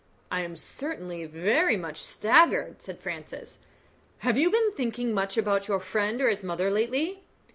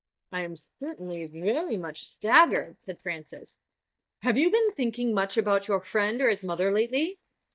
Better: first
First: none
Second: noise reduction (neural mask model DeepFilterNet 3)

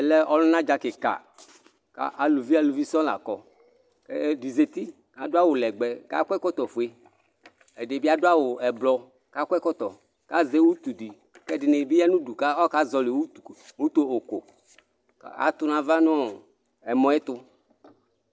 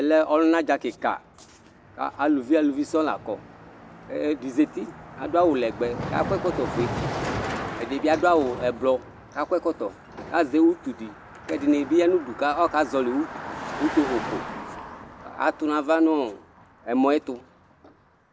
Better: first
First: none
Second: background sound (Car passing by); 11 dB below the speech

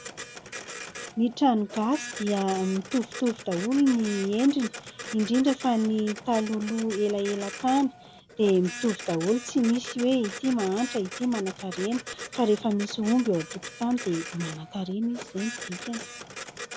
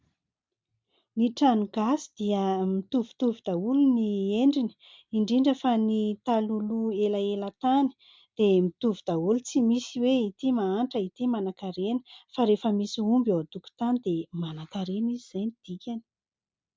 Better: second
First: background sound (Printer); 13 dB below the speech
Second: none

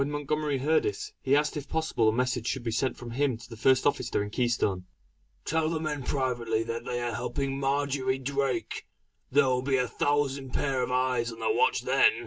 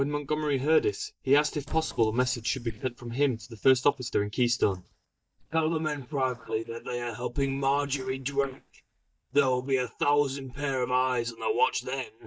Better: first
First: none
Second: noise reduction (neural mask model DeepFilterNet 3)

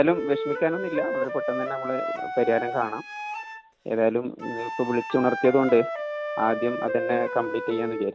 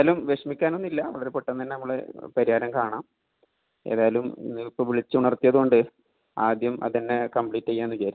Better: second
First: background sound (Wind instrument, woodwind instrument); 6 dB below the speech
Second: none

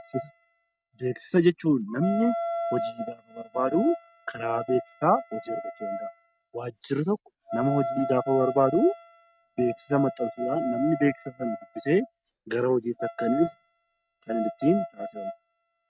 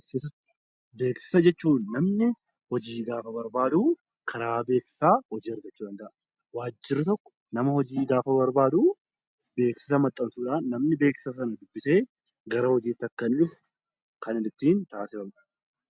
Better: second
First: noise reduction (neural mask model RNNoise)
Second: none

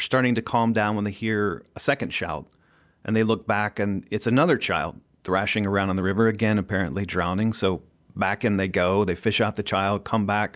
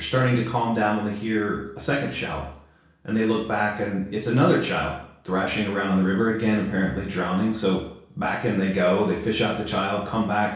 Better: first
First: none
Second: background sound (Bowed string instrument); 18 dB below the speech // room echo; dies away in 0.6 s

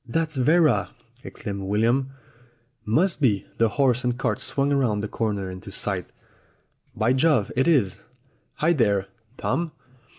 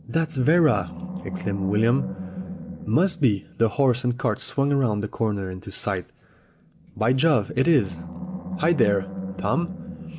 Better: first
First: none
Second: background sound (Animal); 11 dB below the speech

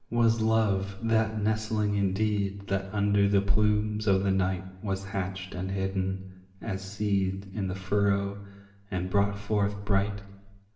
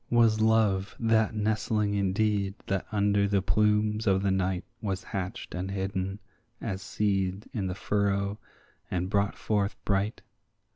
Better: second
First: room echo; dies away in 0.8 s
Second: none

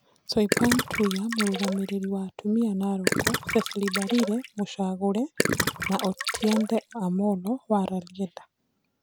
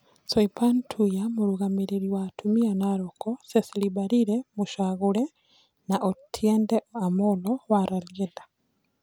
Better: second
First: background sound (Gurgling); 3 dB below the speech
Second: none

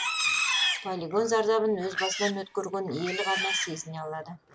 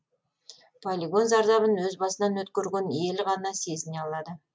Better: second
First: background sound (Livestock, farm animals, working animals); 2 dB below the speech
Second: none

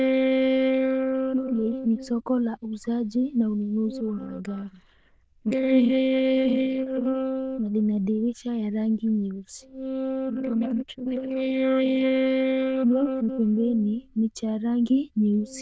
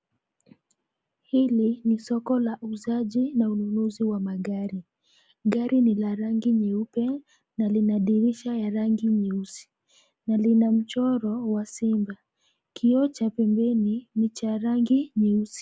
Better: second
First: noise reduction (neural diffusion model UNIVERSE++)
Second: none

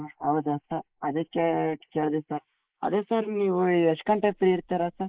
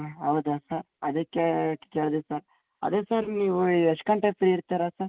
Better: second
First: noise reduction (neural mask model Resemble Enhance denoiser)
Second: none

